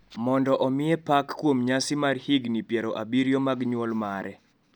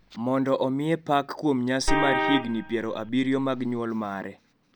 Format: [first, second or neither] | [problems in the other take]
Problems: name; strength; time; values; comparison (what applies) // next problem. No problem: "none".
first | background sound (Vehicle horn, car horn, honking); 2 dB below the speech